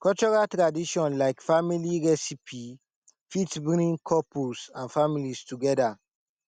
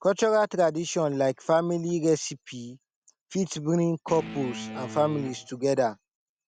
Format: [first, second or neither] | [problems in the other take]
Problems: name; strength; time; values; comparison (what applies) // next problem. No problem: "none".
first | background sound (Guitar); 13 dB below the speech